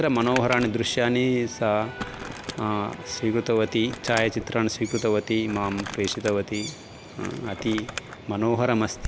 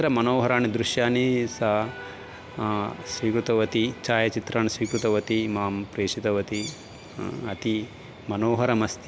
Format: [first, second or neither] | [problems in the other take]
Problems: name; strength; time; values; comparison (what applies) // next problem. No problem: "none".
second | background sound (Crumpling, crinkling); 14 dB below the speech